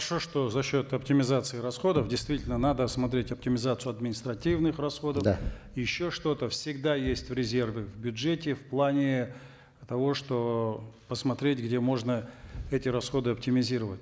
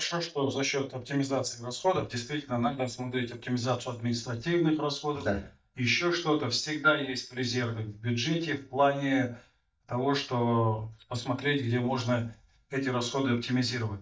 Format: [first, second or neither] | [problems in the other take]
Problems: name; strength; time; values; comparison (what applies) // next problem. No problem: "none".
first | noise reduction (neural mask model DeepFilterNet 3)